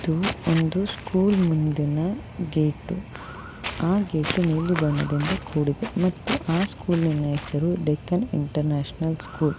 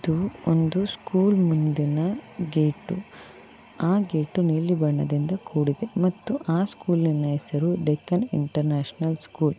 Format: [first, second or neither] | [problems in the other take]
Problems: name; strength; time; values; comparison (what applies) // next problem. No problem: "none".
second | background sound (Walk, footsteps); 11 dB below the speech